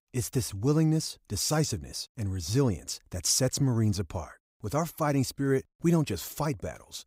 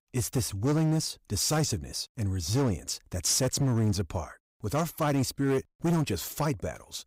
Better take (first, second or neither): first